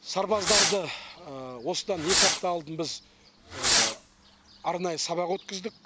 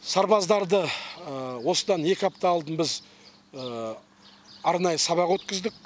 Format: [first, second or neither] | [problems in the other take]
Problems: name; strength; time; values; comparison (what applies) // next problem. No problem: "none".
second | background sound (Fireworks); 2 dB above the speech